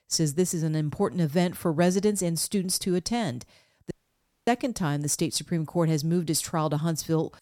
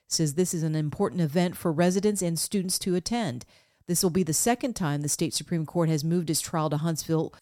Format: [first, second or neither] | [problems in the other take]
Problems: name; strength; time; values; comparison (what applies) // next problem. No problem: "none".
second | audio cutting out; at 4 s for 0.5 s